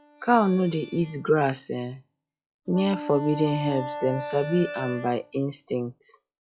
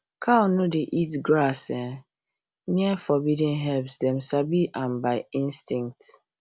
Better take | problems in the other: second | noise reduction (classical method log-MMSE)

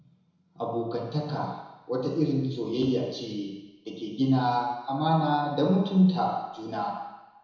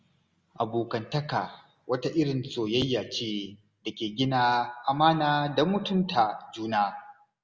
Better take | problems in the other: second | room echo; dies away in 1 s

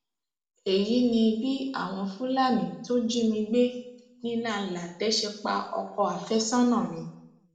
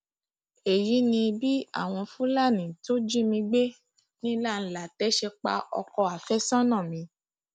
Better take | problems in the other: second | room echo; dies away in 0.7 s

